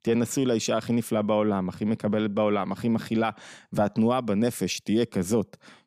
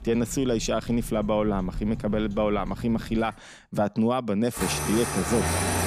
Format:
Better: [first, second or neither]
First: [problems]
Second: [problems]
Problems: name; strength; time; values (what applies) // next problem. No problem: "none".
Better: first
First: none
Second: traffic noise; loud; throughout; 6 dB below the speech